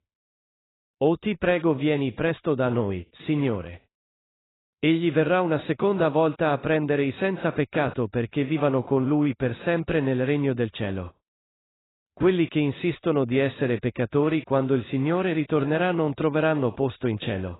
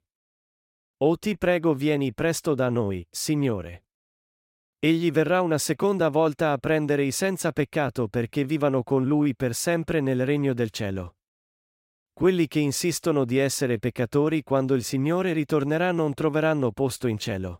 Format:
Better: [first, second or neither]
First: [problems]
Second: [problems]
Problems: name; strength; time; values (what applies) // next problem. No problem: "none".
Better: second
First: garbled, watery; badly; nothing above 4 kHz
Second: none